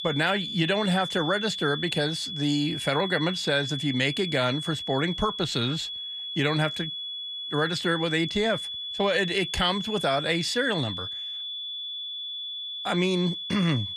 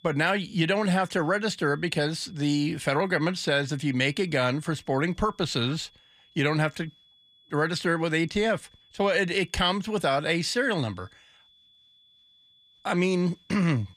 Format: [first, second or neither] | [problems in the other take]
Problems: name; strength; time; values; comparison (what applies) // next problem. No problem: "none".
second | high-pitched whine; loud; throughout; 3.5 kHz, 5 dB below the speech; faint in the second